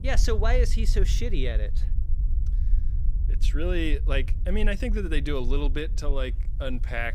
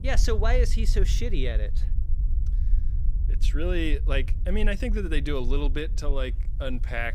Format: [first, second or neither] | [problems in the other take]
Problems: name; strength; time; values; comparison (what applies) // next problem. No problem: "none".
neither | low rumble; noticeable; throughout; 15 dB below the speech; the same in both